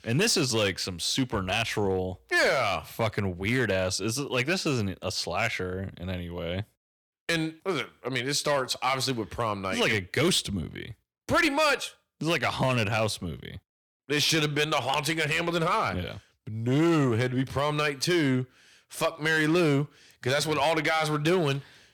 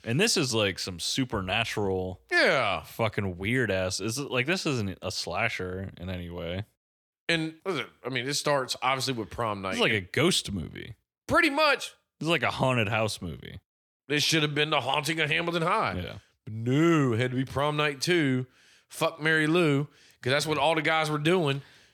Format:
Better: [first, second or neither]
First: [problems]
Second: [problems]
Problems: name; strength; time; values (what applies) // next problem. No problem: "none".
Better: second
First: distortion; slight; 4% of the sound clipped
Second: none